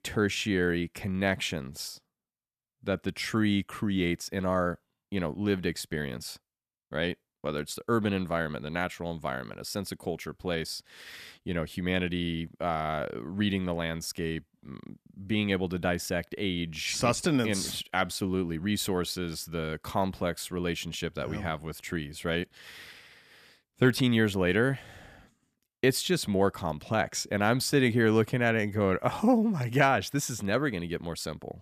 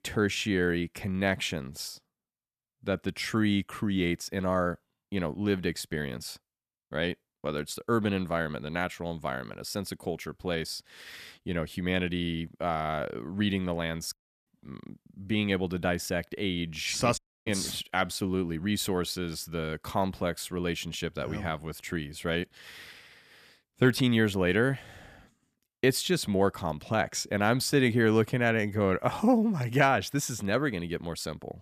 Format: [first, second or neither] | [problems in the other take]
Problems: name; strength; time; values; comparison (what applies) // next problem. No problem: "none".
first | audio cutting out; at 14 s and at 17 s